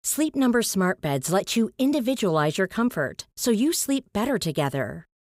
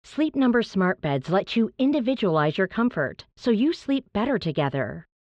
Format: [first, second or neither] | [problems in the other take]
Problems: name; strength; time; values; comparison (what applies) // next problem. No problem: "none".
first | muffled; slightly; fading above 3.5 kHz